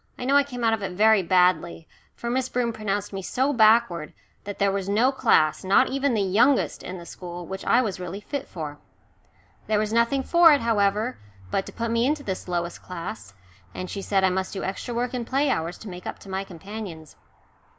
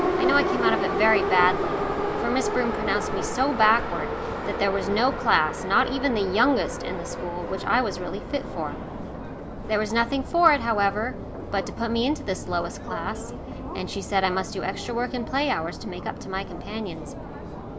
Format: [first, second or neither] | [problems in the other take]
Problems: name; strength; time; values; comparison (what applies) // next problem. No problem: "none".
first | background sound (Subway, metro, underground); 4 dB below the speech